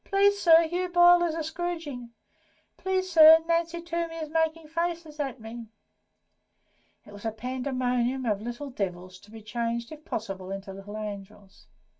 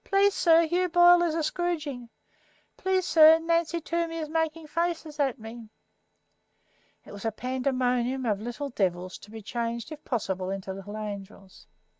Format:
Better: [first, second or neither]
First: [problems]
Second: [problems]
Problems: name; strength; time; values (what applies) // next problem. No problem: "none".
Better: second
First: room echo; dies away in 0.1 s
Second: none